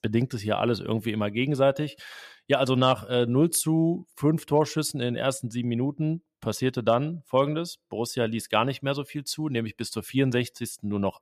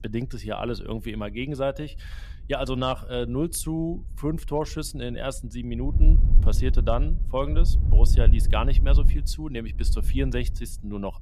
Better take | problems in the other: first | wind noise on the microphone; occasional gusts; 10 dB below the speech

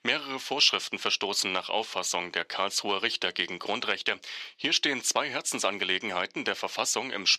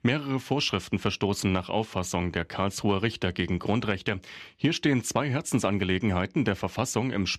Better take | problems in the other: second | thin; very; fading below 500 Hz

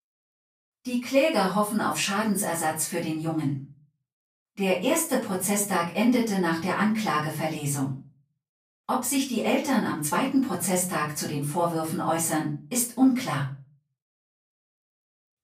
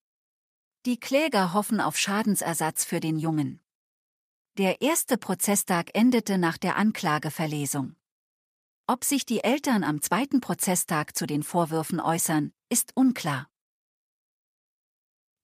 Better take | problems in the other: second | off-mic speech; far // room echo; slight; dies away in 0.3 s

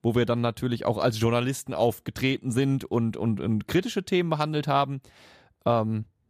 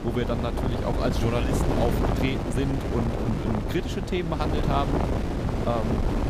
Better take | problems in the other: first | wind noise on the microphone; heavy; 1 dB below the speech

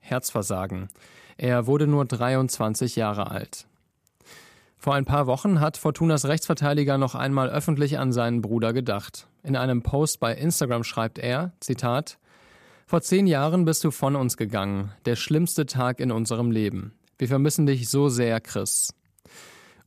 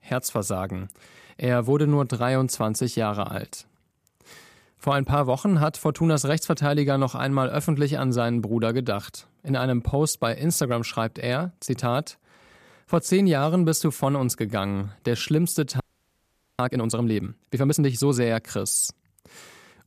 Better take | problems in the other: first | audio freezing; at 16 s for 1 s

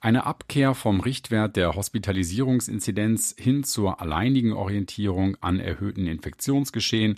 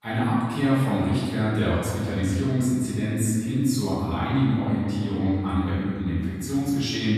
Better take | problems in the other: first | off-mic speech; far // room echo; strong; dies away in 1.9 s

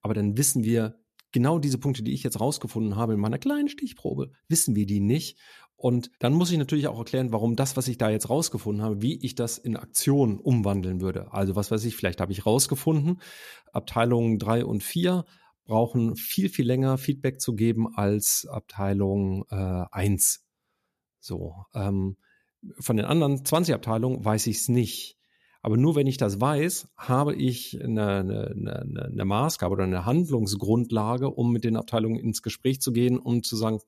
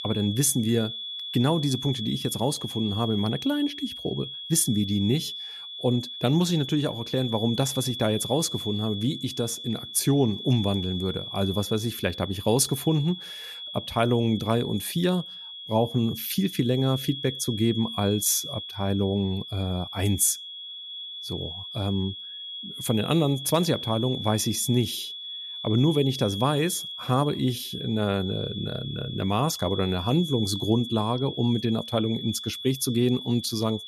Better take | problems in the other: first | high-pitched whine; loud; throughout; 3.5 kHz, 8 dB below the speech

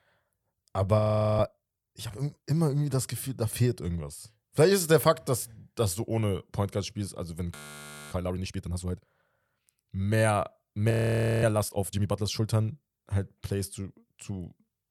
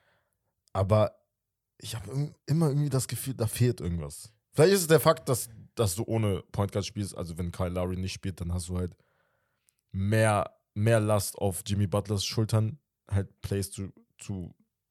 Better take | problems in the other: second | audio freezing; at 1 s, at 7.5 s for 0.5 s and at 11 s for 0.5 s

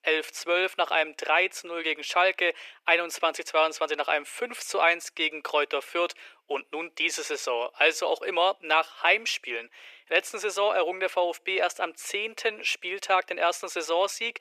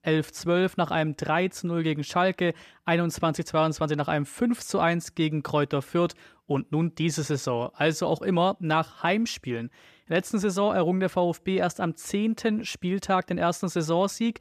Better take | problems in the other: second | thin; very; fading below 400 Hz

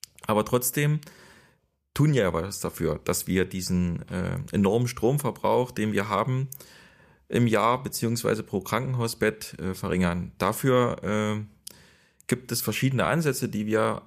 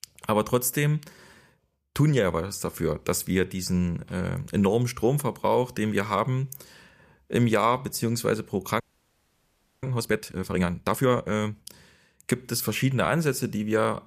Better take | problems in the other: first | audio freezing; at 9 s for 1 s

